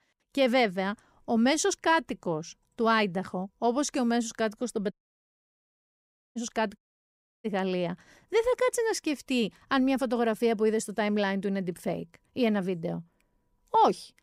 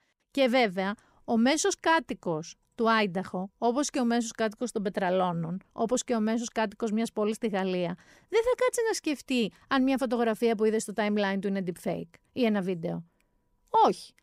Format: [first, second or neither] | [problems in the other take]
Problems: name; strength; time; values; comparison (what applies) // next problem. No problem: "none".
second | audio cutting out; at 5 s for 1.5 s and at 7 s for 0.5 s